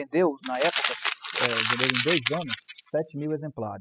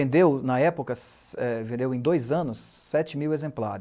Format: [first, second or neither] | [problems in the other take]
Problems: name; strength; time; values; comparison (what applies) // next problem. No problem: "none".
second | noise reduction (classical method spectral subtraction)